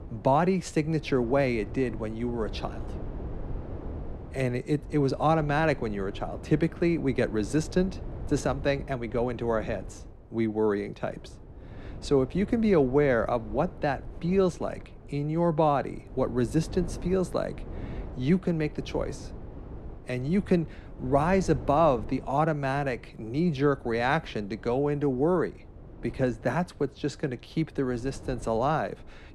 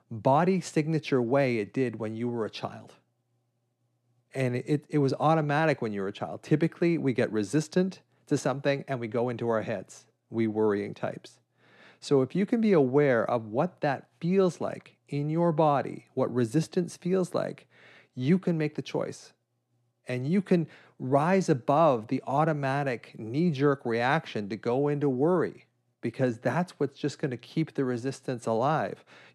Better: second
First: wind noise on the microphone; occasional gusts; 20 dB below the speech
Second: none

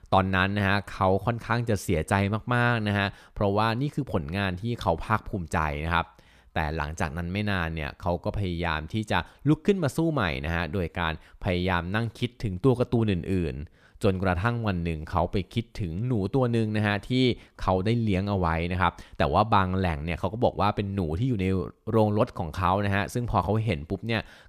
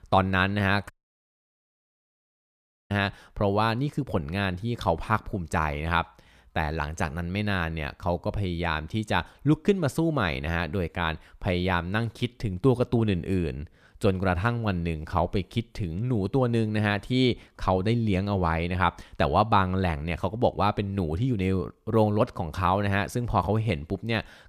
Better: first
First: none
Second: audio cutting out; at 1 s for 2 s

